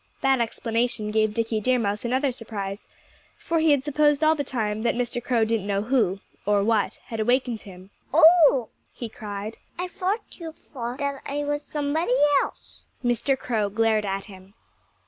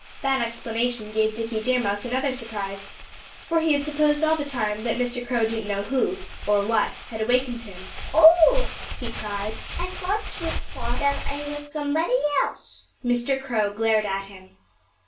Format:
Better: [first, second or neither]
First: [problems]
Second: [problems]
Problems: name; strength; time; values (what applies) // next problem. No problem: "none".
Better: first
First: none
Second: background sound (Crumpling, crinkling); 7 dB below the speech // room echo; dies away in 0.3 s